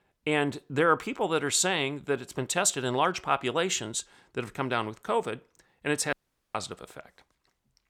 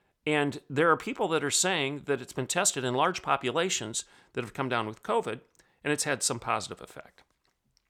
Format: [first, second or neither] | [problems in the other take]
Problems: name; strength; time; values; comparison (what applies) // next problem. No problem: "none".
second | audio cutting out; at 6 s